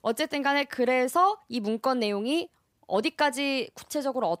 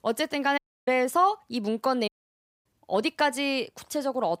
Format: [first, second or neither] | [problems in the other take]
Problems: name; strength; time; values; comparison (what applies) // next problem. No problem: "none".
first | audio cutting out; at 0.5 s and at 2 s for 0.5 s